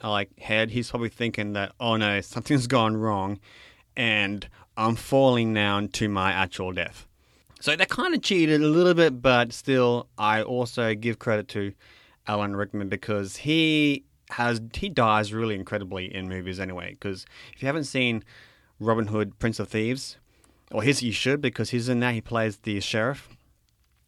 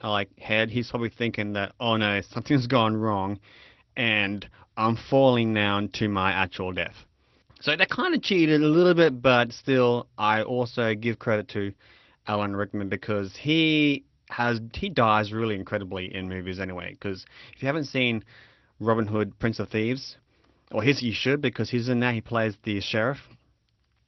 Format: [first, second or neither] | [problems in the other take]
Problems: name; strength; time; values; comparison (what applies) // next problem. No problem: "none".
first | garbled, watery; slightly; nothing above 6 kHz